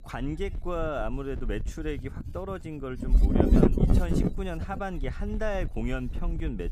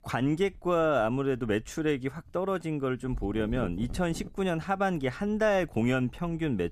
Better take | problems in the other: second | wind noise on the microphone; heavy; 5 dB above the speech; occasional gusts in the second

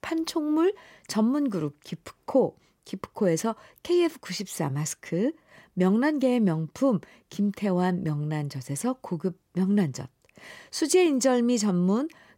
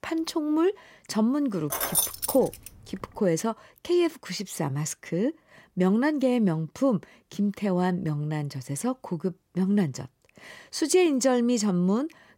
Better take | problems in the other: first | jangling keys; loud; at 1.5 s; peak 3 dB above the speech

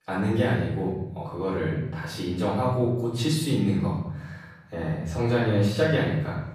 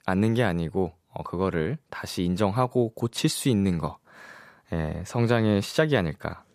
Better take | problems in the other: second | room echo; noticeable; dies away in 0.9 s // off-mic speech; far

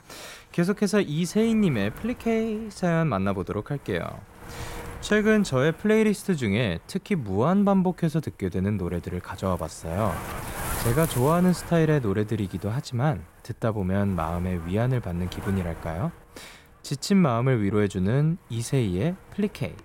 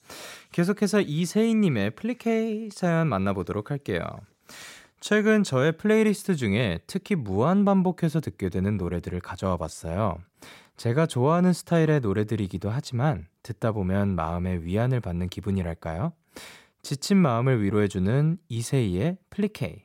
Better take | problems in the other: second | wind noise on the microphone; occasional gusts; 10 dB below the speech

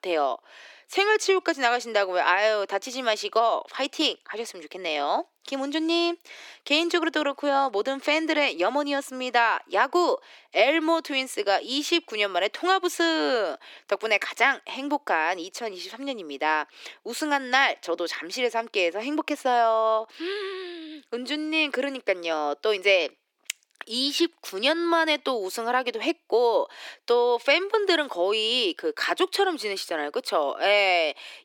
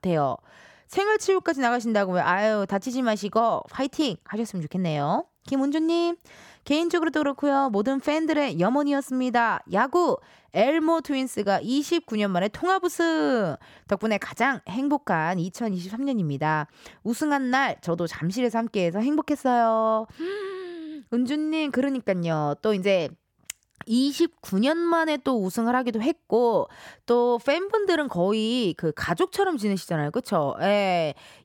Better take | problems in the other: second | thin; somewhat; fading below 300 Hz

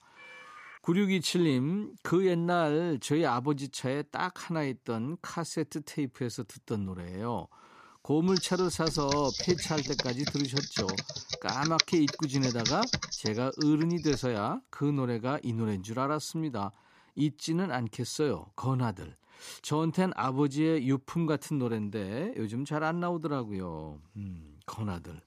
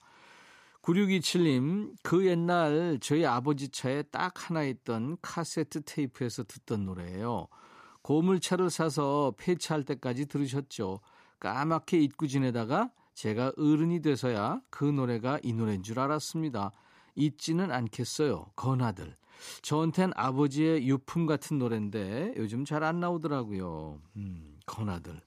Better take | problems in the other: second | phone ringing; faint; at the start; peak 15 dB below the speech // keyboard typing; loud; from 8.5 to 14 s; peak 3 dB above the speech

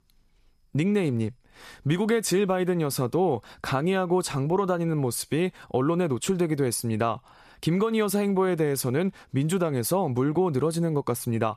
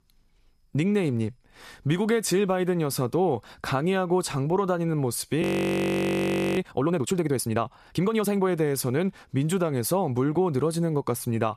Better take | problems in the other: first | audio freezing; at 5.5 s for 1 s

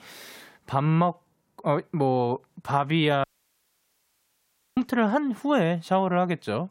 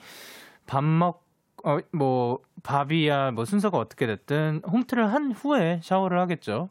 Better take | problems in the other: second | audio cutting out; at 3 s for 1.5 s

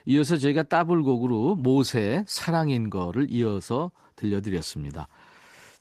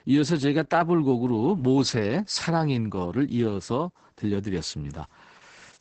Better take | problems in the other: first | garbled, watery; badly; nothing above 8 kHz; slightly in the first

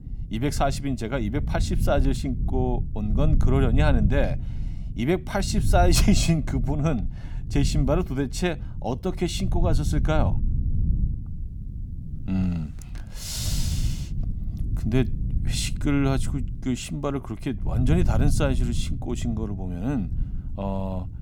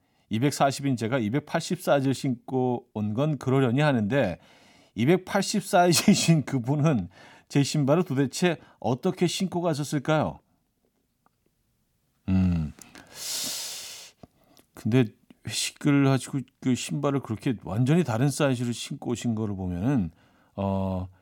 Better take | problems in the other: second | low rumble; noticeable; throughout; 15 dB below the speech

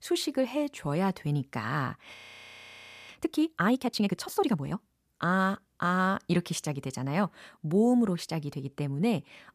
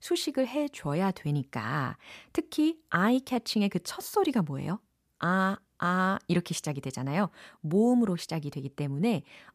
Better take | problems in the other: second | audio freezing; at 2 s for 1 s

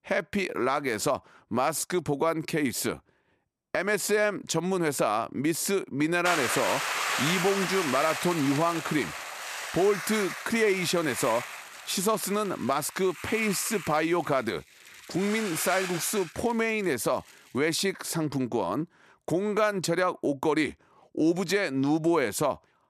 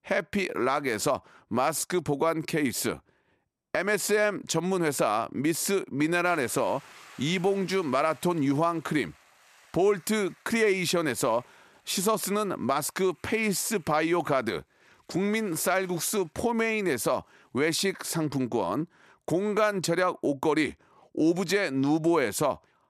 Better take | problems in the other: second | hiss; loud; from 6.5 to 18 s; 5 dB below the speech; faint in the second

